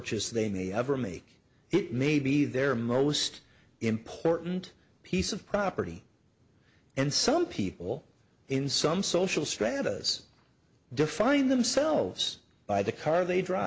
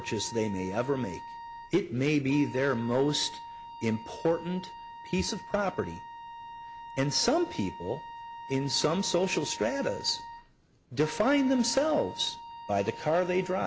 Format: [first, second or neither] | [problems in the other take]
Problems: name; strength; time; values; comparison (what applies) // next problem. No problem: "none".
first | background sound (Wind instrument, woodwind instrument); 13 dB below the speech